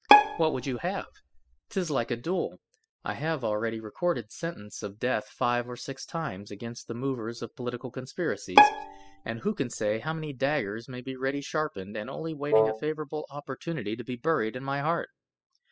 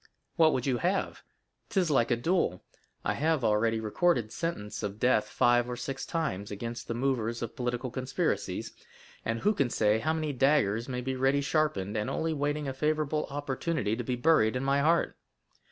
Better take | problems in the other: second | noise reduction (classical method spectral subtraction)

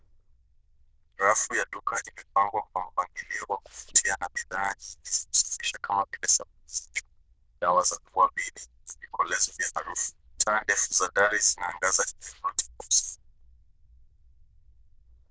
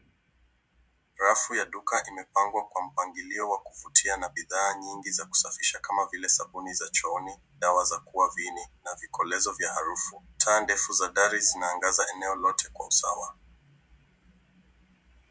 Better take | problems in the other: second | noise reduction (neural diffusion model UNIVERSE++)

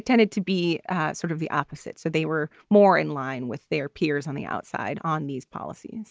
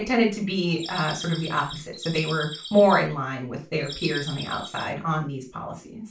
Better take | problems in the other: first | background sound (Bird vocalization, bird call, bird song); 12 dB below the speech // room echo; dies away in 0.3 s

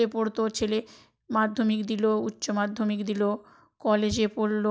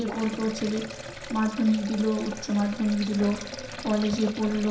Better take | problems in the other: first | background sound (Sink (filling or washing)); 11 dB below the speech // room echo; dies away in 0.7 s

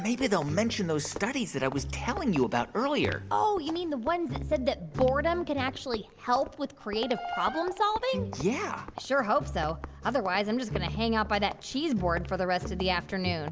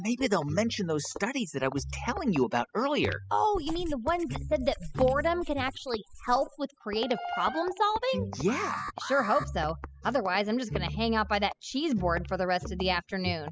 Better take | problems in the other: first | noise reduction (classical method spectral subtraction)

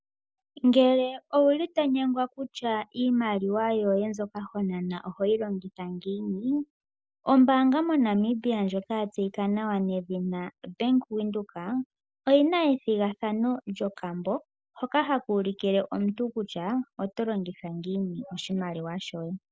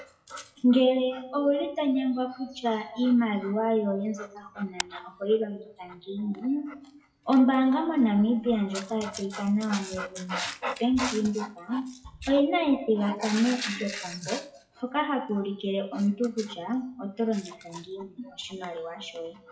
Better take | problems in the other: first | noise reduction (classical method WPE with log-MMSE)

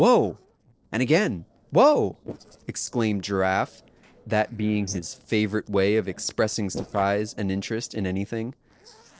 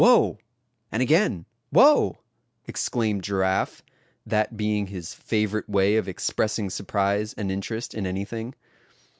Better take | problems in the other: second | noise reduction (neural separator model SepFormer DNS4)

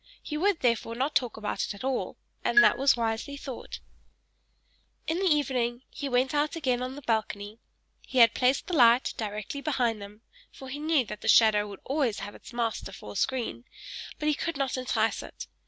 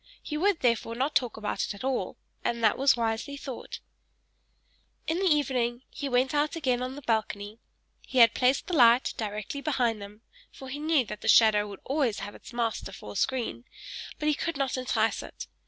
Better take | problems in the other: second | background sound (Marimba, xylophone); 3 dB below the speech

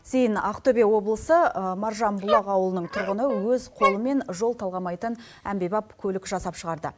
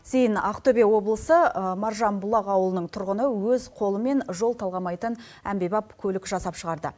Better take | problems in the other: second | background sound (Dog); 6 dB below the speech

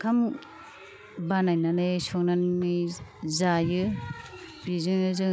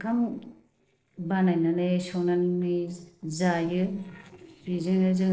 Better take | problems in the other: first | noise reduction (neural separator model SepFormer DNS4)

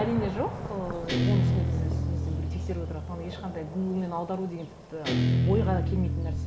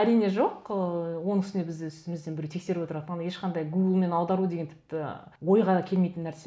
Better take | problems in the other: second | background sound (Guitar + Fireworks); 4 dB above the speech

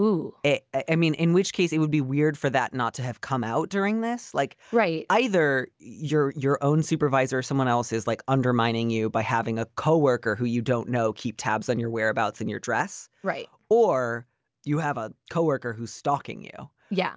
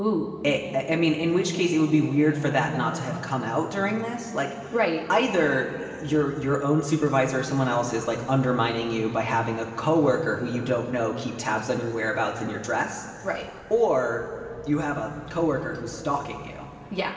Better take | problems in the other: first | background sound (Chatter / Car passing by / Motorcycle / Traffic noise, roadway noise / Accelerating, revving, vroom); 18 dB below the speech // room echo; dies away in 2.5 s

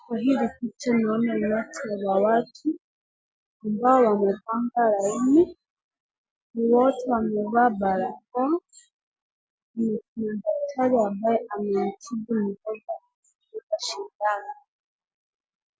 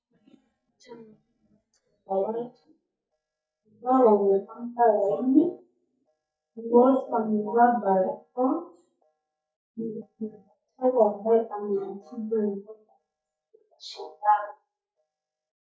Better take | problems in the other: first | noise reduction (neural mask model DeepFilterNet 3)

